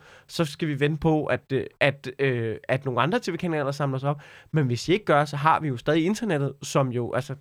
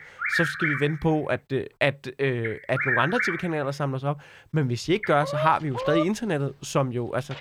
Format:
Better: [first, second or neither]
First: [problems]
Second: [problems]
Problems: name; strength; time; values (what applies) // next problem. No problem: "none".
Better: first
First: none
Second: animal sounds; loud; throughout; 2 dB below the speech